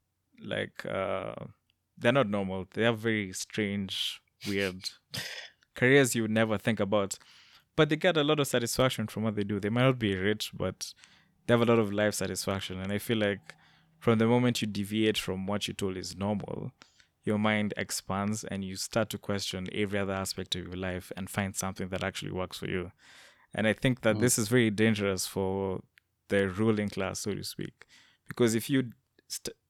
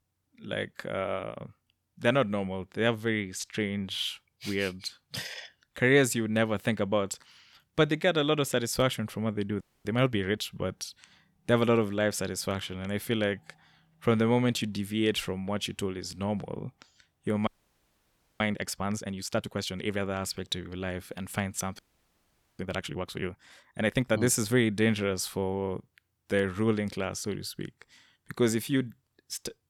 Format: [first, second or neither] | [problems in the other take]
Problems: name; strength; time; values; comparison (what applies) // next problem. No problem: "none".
first | audio freezing; at 9.5 s, at 17 s for 1 s and at 22 s for 1 s